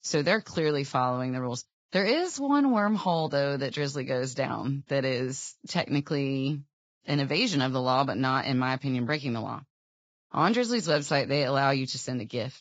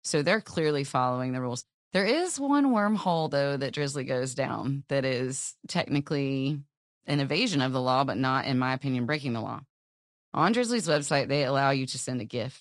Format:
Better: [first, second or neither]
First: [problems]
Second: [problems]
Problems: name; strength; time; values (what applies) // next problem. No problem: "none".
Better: second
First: garbled, watery; badly; nothing above 7.5 kHz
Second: garbled, watery; slightly